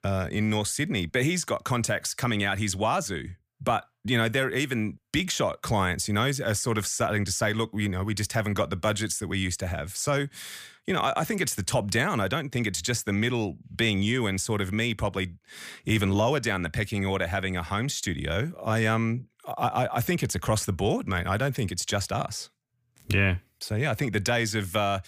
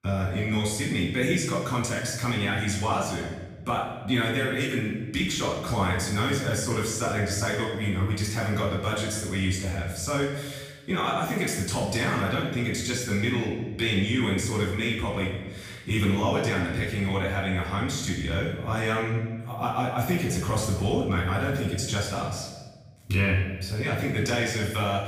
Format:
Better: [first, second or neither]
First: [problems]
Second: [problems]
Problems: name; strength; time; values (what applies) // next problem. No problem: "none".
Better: first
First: none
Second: off-mic speech; far // room echo; noticeable; dies away in 1 s